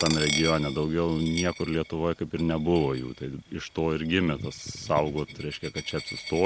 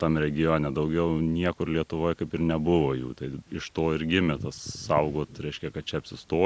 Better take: second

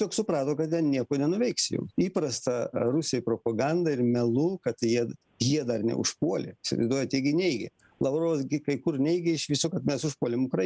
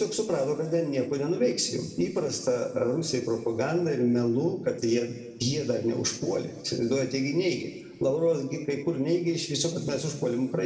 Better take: first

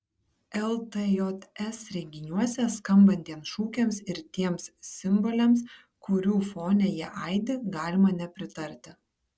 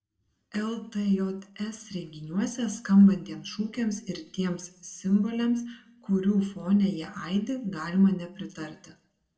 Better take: first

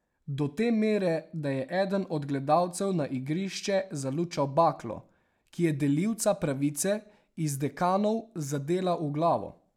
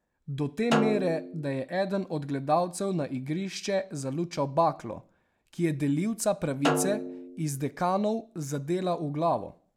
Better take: first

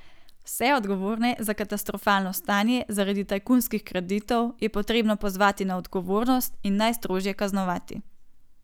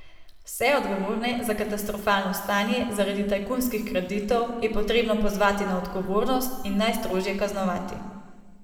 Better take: first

